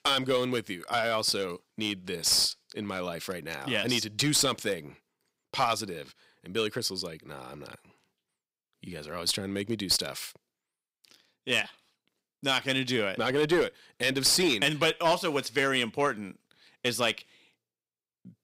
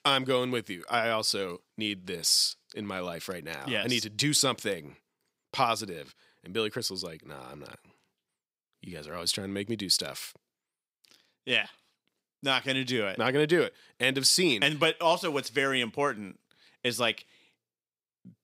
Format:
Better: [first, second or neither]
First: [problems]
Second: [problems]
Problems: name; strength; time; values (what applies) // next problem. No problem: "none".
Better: second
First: distortion; slight; 1.9% of the sound clipped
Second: none